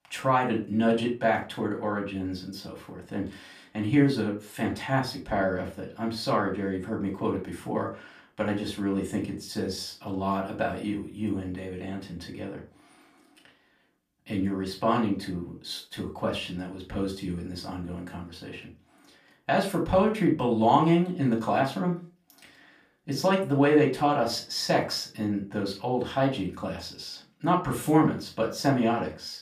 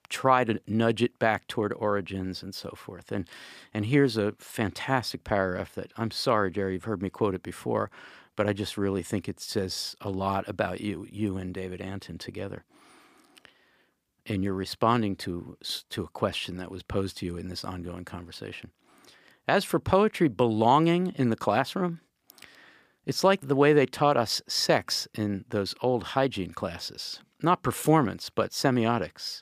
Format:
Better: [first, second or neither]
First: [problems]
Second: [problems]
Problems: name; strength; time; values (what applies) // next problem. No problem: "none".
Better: second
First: room echo; slight; dies away in 0.3 s // off-mic speech; far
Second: none